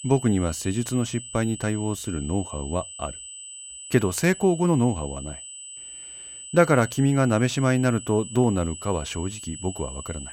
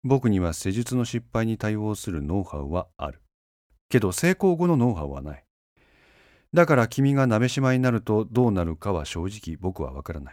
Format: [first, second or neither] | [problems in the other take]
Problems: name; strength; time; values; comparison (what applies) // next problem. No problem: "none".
second | high-pitched whine; noticeable; throughout; 8 kHz, 15 dB below the speech